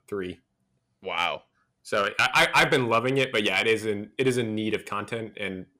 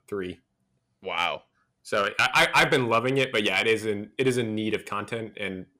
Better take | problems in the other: neither | distortion; slight; 1.3% of the sound clipped; the same in both

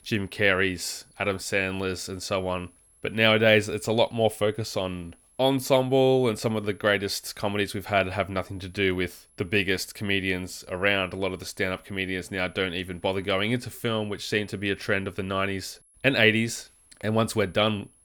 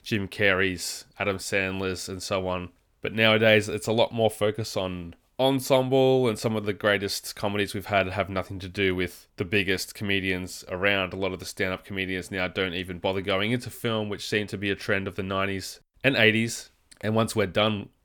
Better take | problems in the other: second | high-pitched whine; faint; throughout; 11 kHz, 30 dB below the speech

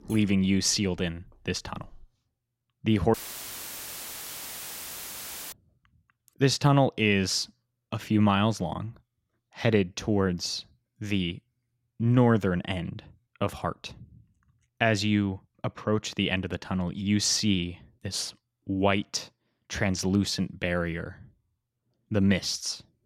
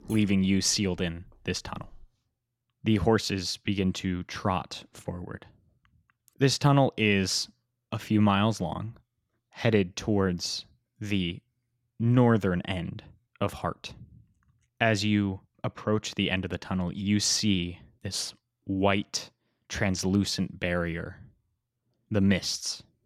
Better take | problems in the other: second | audio cutting out; filled with static; at 3 s for 2.5 s

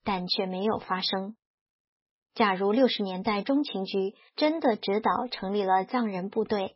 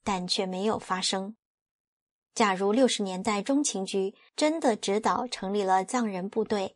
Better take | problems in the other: second | garbled, watery; badly; nothing above 5.5 kHz; slightly in the second

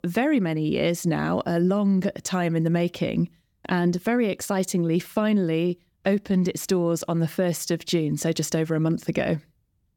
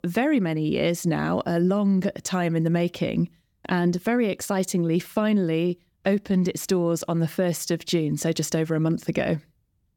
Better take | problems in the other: neither | none

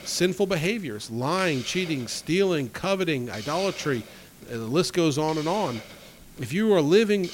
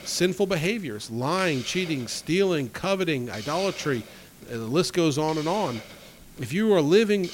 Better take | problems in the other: neither | hiss; noticeable; throughout; 15 dB below the speech; the same in both

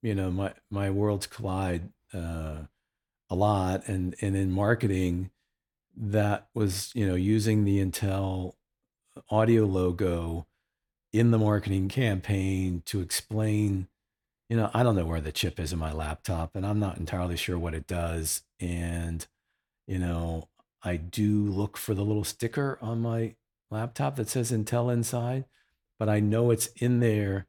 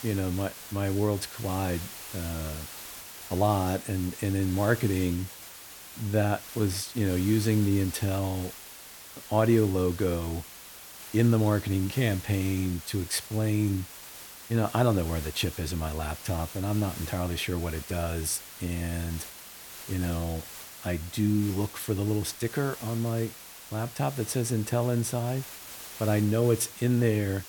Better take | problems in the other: first | hiss; noticeable; throughout; 10 dB below the speech

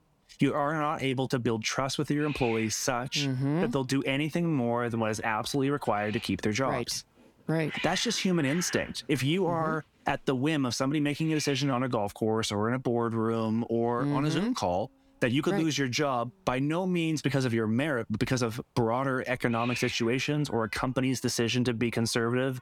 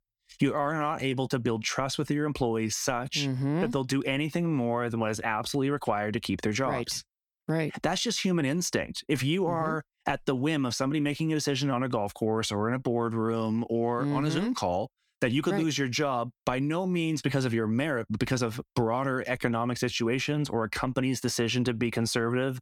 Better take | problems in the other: second | hiss; noticeable; throughout; 15 dB below the speech

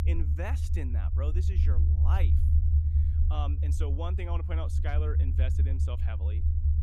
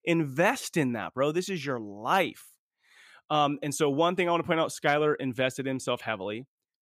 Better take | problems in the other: second | low rumble; loud; throughout; 3 dB below the speech

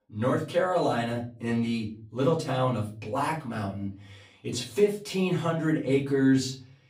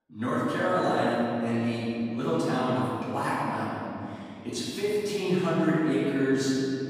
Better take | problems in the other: first | room echo; strong; dies away in 2.6 s; slight in the first // off-mic speech; far; far in the first

